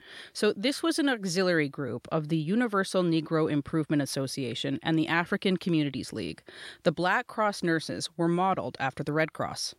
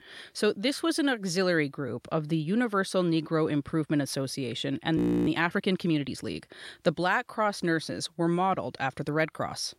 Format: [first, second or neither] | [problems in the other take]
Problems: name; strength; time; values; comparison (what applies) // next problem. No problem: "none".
first | audio freezing; at 5 s